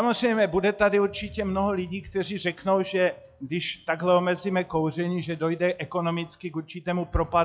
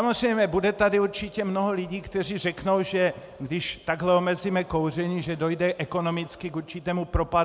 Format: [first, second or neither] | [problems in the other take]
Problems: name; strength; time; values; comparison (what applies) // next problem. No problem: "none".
second | noise reduction (classical method log-MMSE)